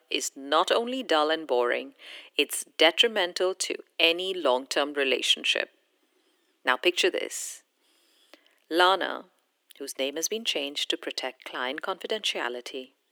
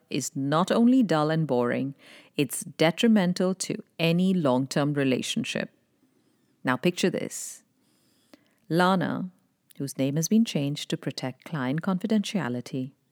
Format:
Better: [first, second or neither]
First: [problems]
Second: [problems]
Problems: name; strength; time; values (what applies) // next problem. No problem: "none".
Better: second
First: thin; very; fading below 350 Hz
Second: none